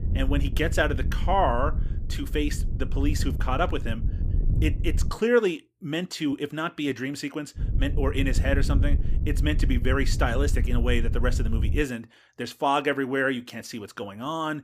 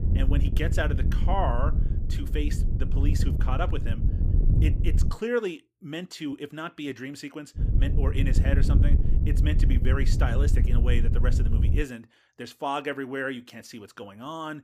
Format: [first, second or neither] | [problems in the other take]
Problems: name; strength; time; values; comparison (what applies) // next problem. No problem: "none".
first | wind noise on the microphone; heavy; until 5 s and from 7.5 to 12 s; 7 dB below the speech; occasional gusts in the first